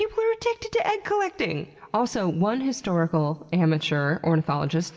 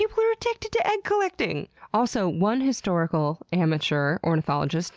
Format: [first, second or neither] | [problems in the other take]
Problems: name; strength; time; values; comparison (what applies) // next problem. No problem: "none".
second | room echo; dies away in 2.4 s